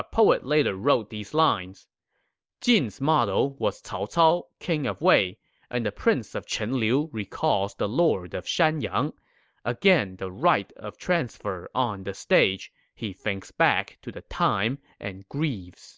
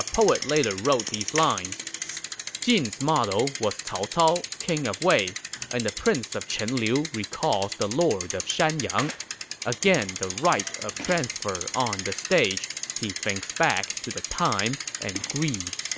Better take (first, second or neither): first